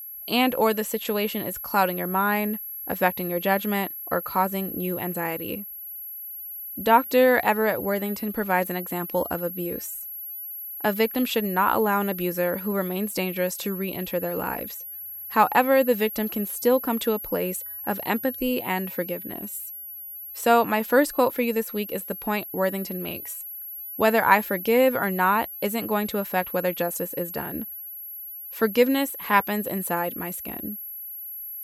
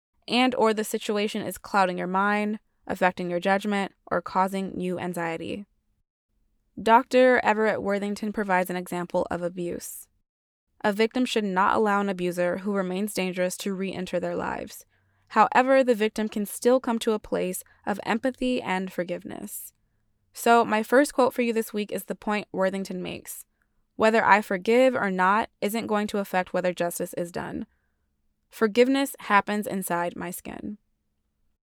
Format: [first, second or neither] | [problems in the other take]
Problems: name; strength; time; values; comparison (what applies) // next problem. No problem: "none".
second | high-pitched whine; loud; throughout; 11.5 kHz, 9 dB below the speech